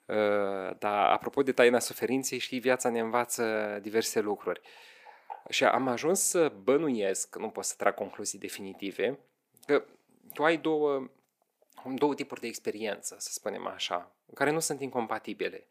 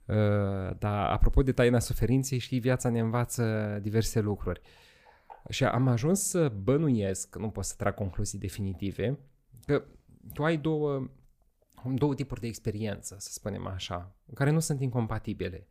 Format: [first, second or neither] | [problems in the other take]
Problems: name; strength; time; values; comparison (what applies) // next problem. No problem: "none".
second | thin; somewhat; fading below 300 Hz